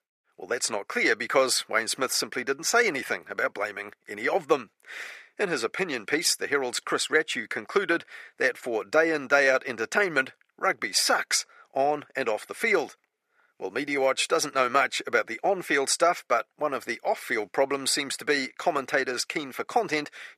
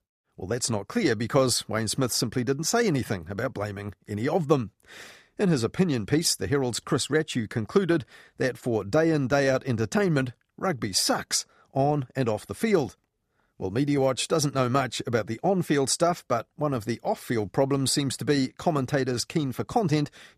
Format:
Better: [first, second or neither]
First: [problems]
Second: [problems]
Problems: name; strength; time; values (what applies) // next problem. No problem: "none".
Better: second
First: thin; somewhat; fading below 500 Hz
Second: none